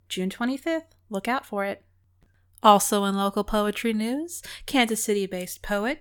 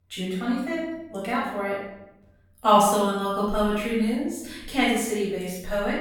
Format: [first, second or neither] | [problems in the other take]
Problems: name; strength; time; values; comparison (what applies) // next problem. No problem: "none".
first | off-mic speech; far // room echo; noticeable; dies away in 0.9 s